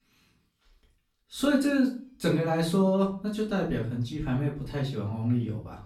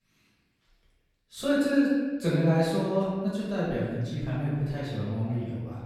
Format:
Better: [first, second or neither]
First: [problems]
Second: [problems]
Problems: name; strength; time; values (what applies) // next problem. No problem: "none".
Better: first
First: room echo; slight; dies away in 0.4 s // off-mic speech; far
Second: room echo; strong; dies away in 1.3 s // off-mic speech; far